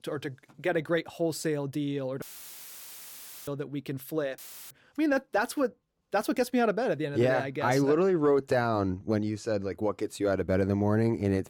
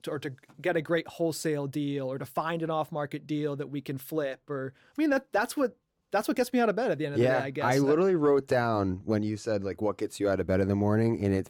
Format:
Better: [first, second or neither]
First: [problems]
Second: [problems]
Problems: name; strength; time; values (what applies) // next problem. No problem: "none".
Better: second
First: audio cutting out; filled with static; at 2 s for 1.5 s and at 4.5 s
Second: none